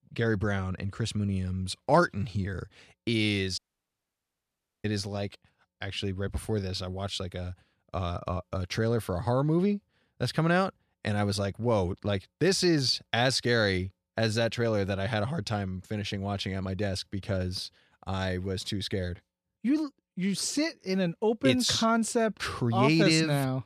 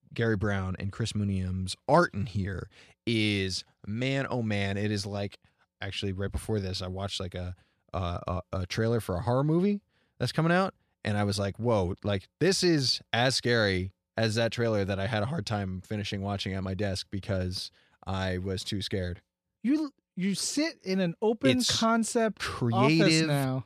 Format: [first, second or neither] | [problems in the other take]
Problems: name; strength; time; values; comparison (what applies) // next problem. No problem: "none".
second | audio cutting out; at 3.5 s for 1.5 s